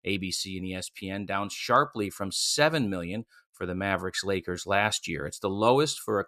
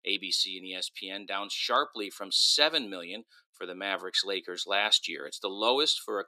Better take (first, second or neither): first